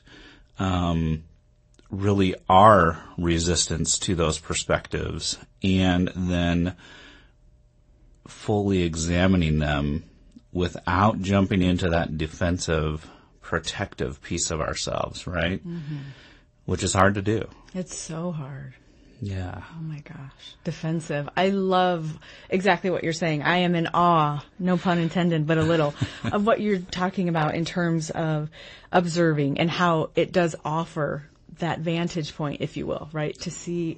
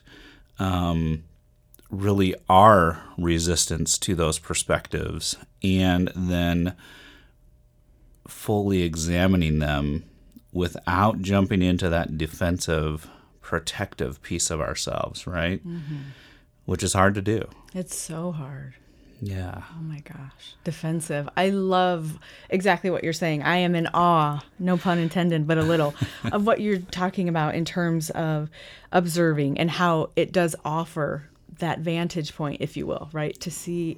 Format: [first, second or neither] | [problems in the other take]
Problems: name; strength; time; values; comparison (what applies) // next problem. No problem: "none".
second | garbled, watery; slightly; nothing above 8 kHz